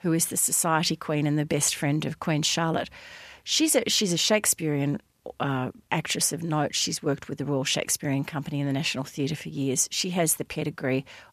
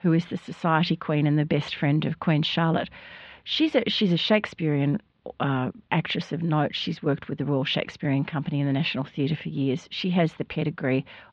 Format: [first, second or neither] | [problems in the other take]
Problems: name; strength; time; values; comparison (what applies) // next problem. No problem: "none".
first | muffled; very; fading above 3.5 kHz